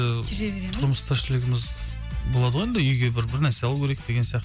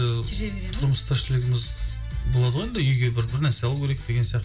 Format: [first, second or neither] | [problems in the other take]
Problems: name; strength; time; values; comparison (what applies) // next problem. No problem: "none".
first | room echo; dies away in 0.2 s